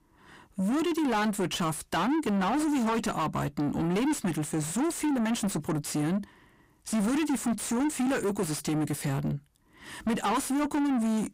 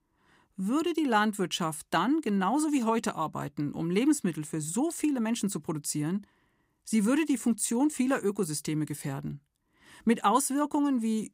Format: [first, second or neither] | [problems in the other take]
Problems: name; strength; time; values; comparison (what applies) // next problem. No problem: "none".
second | distortion; heavy; 7 dB below the speech